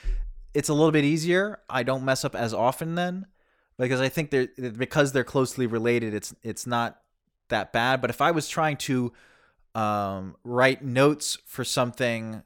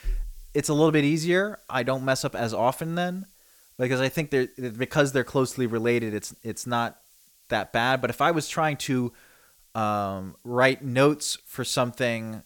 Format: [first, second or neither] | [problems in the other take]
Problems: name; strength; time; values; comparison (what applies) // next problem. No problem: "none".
first | hiss; faint; throughout; 30 dB below the speech